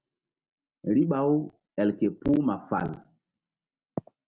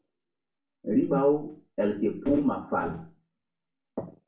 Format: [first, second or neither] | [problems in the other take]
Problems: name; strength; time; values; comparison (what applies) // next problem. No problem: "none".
first | room echo; dies away in 0.3 s